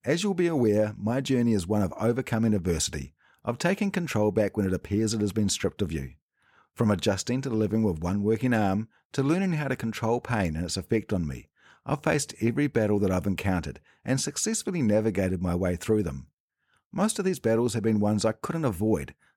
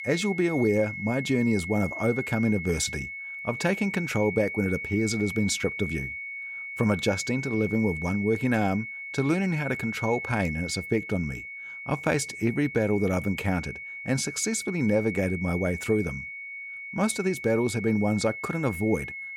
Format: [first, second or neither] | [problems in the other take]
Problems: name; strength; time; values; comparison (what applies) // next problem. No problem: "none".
first | high-pitched whine; loud; throughout; 2 kHz, 8 dB below the speech